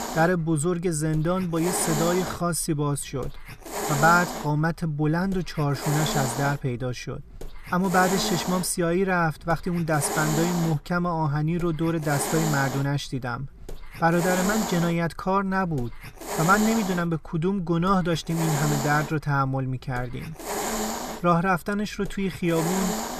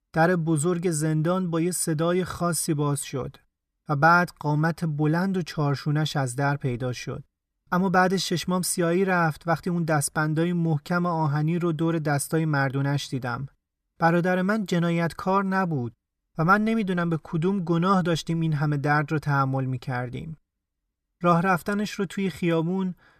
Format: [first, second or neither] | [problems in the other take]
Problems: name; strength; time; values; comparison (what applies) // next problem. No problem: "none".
second | hiss; loud; throughout; 6 dB below the speech